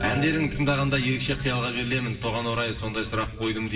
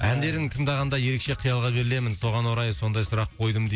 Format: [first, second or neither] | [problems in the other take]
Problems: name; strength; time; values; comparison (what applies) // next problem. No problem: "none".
second | background sound (Bass guitar); 16 dB below the speech // room echo; dies away in 2.5 s